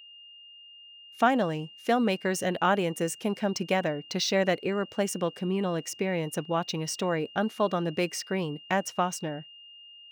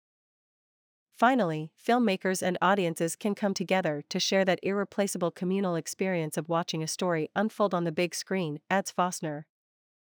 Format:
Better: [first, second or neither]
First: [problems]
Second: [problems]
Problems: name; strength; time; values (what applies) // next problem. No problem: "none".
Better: second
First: high-pitched whine; noticeable; throughout; 3 kHz, 20 dB below the speech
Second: none